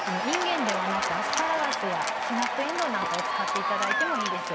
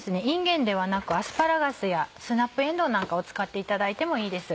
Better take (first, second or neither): second